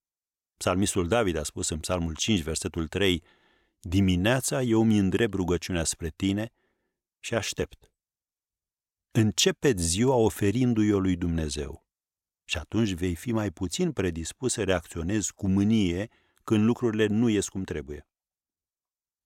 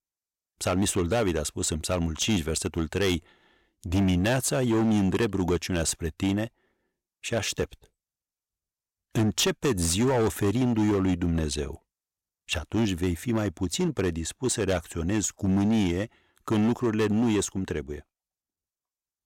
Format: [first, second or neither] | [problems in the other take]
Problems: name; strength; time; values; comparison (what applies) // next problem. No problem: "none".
first | distortion; slight; 10% of the sound clipped